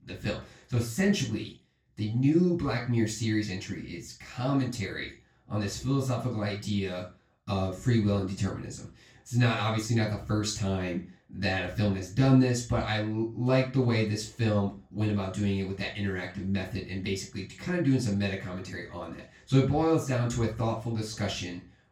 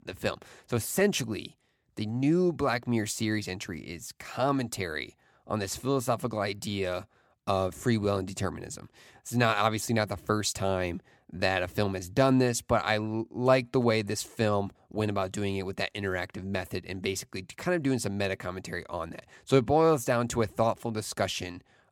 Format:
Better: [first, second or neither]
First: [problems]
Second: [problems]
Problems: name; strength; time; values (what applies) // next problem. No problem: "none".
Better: second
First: room echo; noticeable; dies away in 0.3 s // off-mic speech; far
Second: none